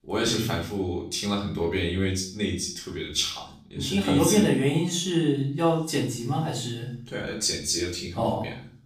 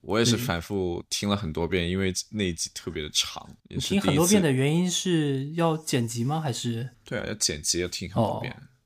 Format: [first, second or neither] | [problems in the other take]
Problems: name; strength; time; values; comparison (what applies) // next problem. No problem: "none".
second | room echo; slight; dies away in 0.4 s // off-mic speech; far